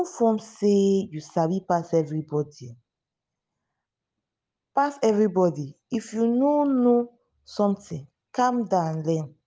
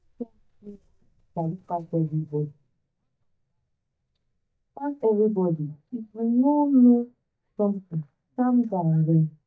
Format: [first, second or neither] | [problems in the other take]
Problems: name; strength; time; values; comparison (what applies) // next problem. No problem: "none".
first | noise reduction (neural mask model DeepFilterNet 3)